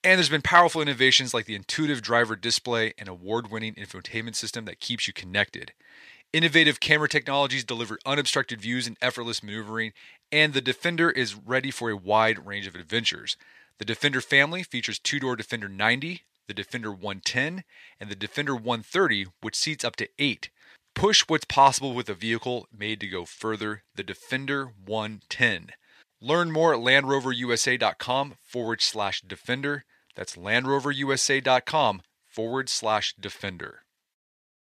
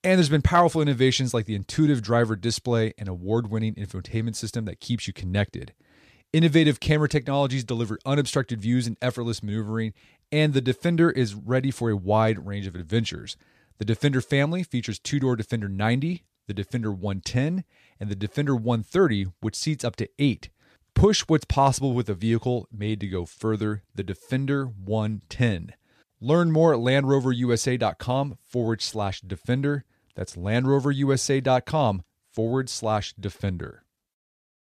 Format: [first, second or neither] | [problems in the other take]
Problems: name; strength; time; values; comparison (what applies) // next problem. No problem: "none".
second | thin; somewhat; fading below 950 Hz